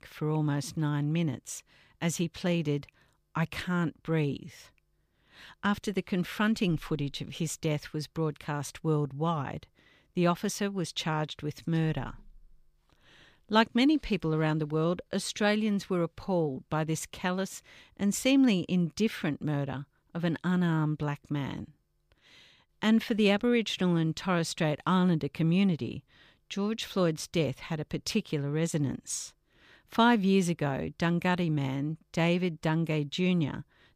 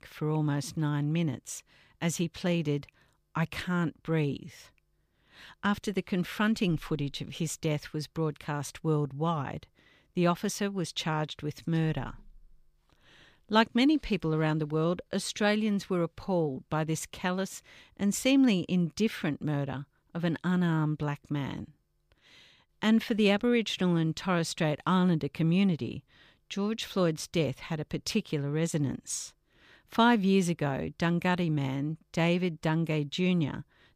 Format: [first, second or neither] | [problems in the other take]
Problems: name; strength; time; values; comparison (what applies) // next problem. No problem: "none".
neither | none